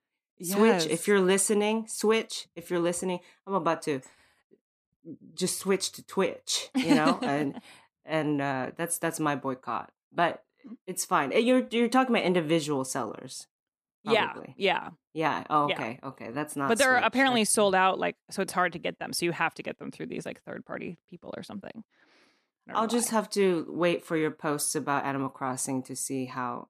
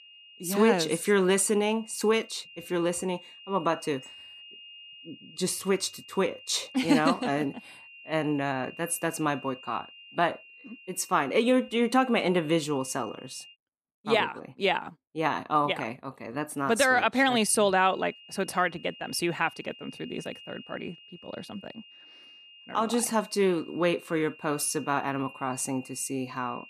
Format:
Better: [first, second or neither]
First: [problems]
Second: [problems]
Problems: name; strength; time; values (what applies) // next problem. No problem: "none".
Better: first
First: none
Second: high-pitched whine; noticeable; until 14 s and from 17 s on; 3 kHz, 20 dB below the speech